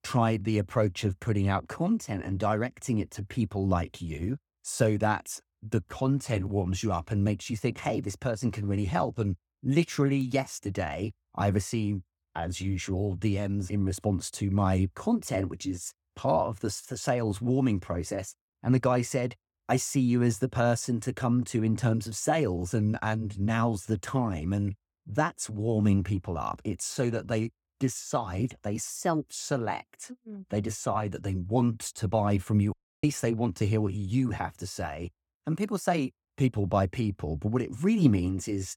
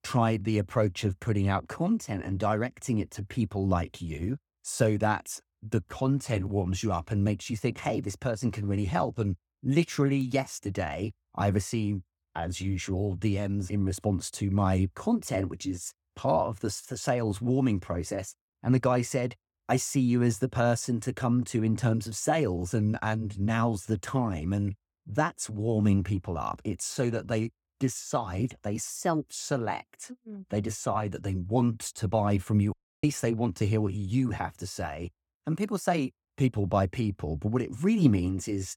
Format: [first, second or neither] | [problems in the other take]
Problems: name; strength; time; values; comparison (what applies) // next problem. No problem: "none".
neither | audio cutting out; at 33 s; the same in both